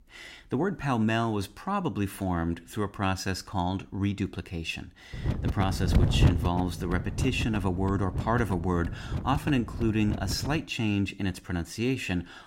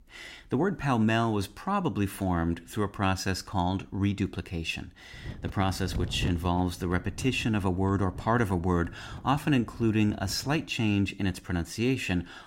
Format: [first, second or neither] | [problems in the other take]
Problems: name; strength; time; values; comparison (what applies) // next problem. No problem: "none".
second | wind noise on the microphone; heavy; from 5 to 11 s; 9 dB below the speech; occasional gusts in the second